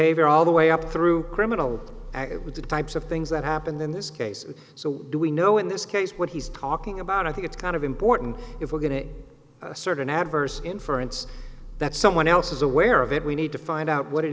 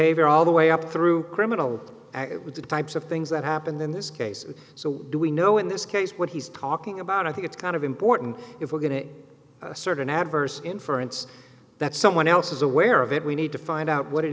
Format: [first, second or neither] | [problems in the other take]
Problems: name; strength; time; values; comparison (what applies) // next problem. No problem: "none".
second | background sound (Growling); 14 dB below the speech